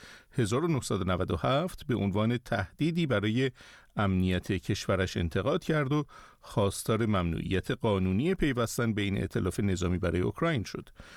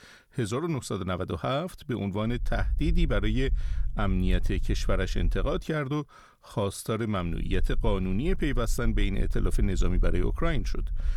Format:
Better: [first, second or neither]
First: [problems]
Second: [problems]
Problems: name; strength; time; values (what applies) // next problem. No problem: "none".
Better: first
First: none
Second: low rumble; faint; from 2.5 to 5.5 s and from 7.5 s on; 25 dB below the speech